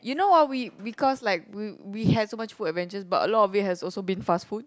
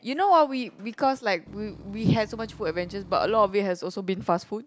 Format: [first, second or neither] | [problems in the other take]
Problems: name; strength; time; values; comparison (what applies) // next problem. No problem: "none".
first | background sound (Engine / Truck / Car); 19 dB below the speech